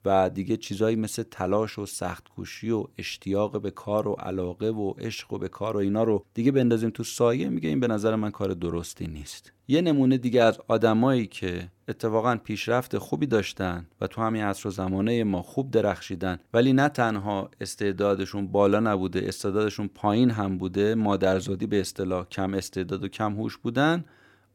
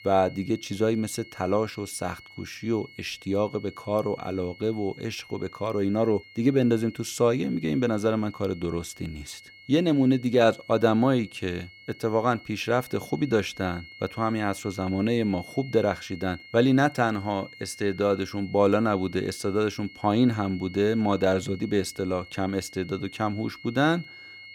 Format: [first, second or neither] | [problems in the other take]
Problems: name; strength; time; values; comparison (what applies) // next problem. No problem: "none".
first | high-pitched whine; noticeable; throughout; 2 kHz, 20 dB below the speech